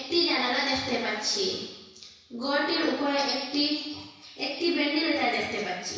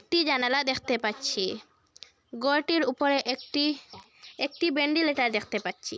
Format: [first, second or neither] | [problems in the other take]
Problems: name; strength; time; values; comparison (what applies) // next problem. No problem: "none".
second | room echo; dies away in 1.1 s